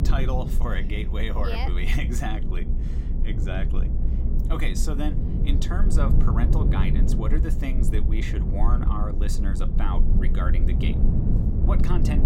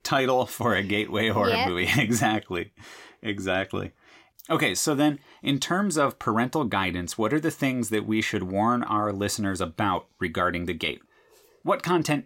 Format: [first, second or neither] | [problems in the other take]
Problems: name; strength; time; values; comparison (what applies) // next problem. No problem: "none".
second | low rumble; loud; throughout; 4 dB below the speech